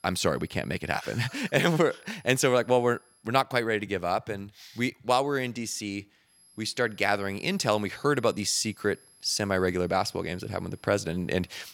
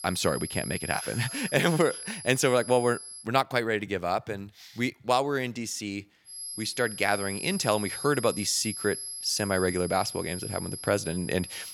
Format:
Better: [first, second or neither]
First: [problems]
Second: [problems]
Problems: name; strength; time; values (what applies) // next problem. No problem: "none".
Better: first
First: high-pitched whine; faint; until 3 s and from 6.5 s on; 11 kHz, 30 dB below the speech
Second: high-pitched whine; loud; until 3 s and from 6.5 s on; 11 kHz, 9 dB below the speech